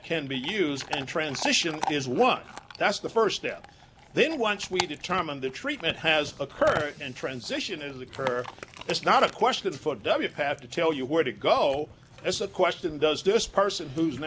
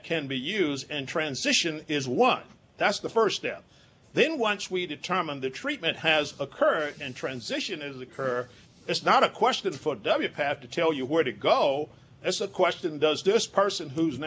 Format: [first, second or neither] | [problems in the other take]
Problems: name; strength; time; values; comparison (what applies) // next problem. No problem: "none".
second | background sound (Chewing, mastication / Dog); 14 dB below the speech